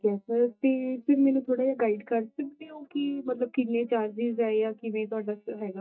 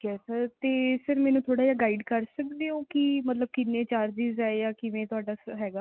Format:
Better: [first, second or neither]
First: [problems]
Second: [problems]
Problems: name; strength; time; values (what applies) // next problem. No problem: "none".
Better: second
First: noise reduction (neural mask model DeepFilterNet 3)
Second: none